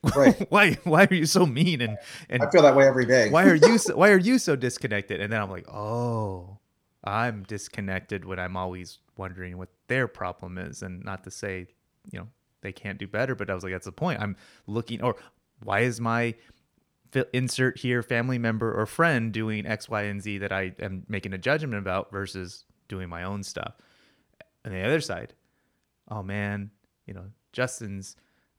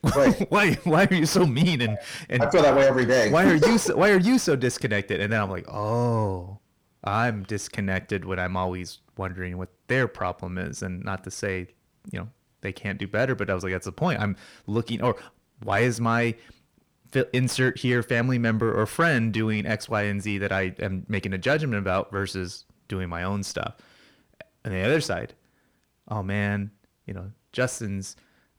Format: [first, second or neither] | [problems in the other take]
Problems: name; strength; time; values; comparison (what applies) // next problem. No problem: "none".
first | distortion; heavy; 8 dB below the speech